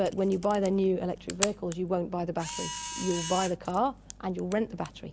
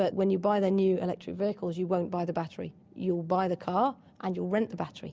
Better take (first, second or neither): second